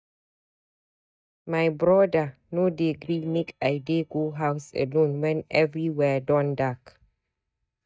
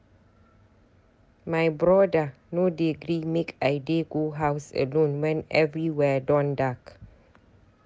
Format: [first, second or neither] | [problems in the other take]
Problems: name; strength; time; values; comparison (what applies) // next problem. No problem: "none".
second | noise reduction (neural mask model DeepFilterNet 3)